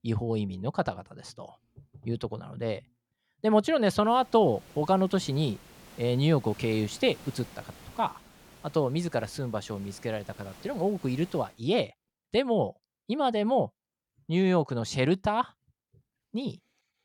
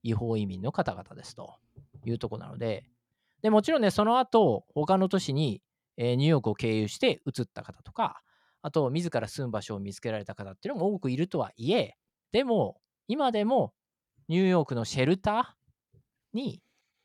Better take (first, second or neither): second